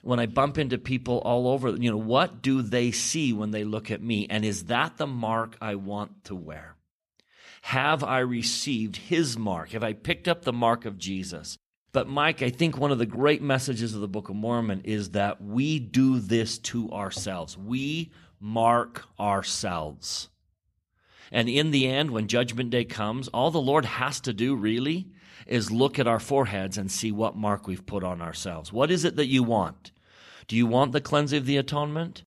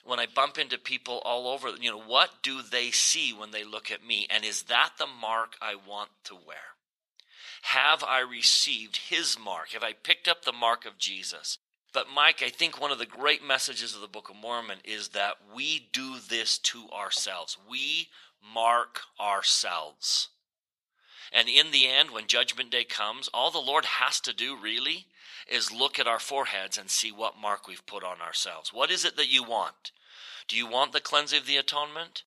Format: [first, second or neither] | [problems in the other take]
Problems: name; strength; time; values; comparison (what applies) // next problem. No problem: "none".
first | thin; very; fading below 900 Hz